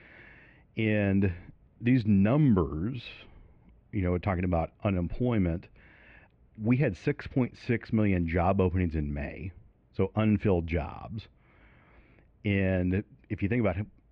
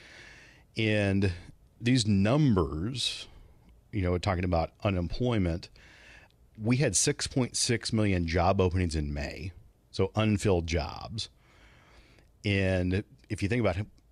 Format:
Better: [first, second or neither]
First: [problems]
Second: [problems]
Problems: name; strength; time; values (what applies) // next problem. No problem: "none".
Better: second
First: muffled; very; fading above 2.5 kHz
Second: none